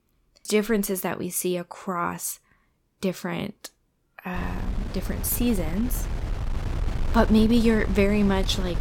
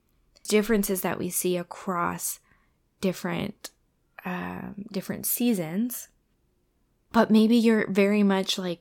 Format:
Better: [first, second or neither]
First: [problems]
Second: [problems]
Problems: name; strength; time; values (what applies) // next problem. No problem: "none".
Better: second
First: wind noise on the microphone; occasional gusts; from 4.5 s on; 10 dB below the speech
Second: none